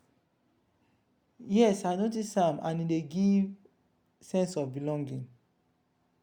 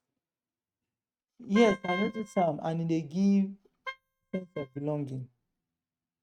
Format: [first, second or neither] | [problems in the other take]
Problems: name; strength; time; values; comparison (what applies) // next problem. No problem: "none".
first | noise reduction (neural mask model RNNoise)